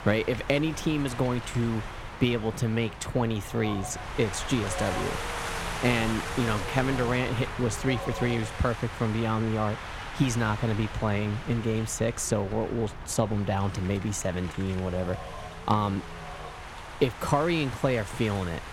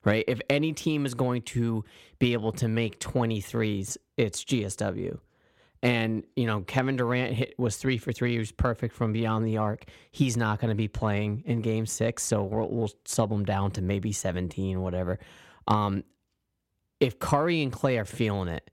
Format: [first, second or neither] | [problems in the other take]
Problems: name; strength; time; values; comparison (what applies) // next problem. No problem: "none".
second | wind noise on the microphone; heavy; 6 dB below the speech